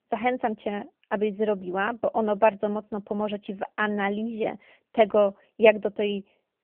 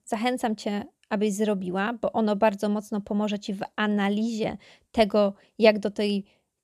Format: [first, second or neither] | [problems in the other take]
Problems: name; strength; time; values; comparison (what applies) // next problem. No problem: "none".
second | phone-call audio; nothing above 3 kHz